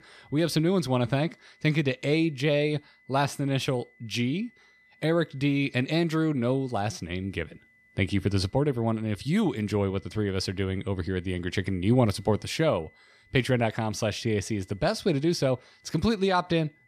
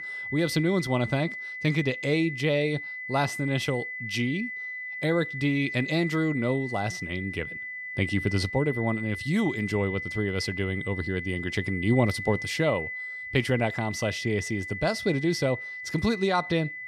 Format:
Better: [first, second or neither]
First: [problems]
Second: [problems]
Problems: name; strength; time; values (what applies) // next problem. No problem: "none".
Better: first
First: high-pitched whine; faint; throughout; 2 kHz, 30 dB below the speech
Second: high-pitched whine; loud; throughout; 2 kHz, 6 dB below the speech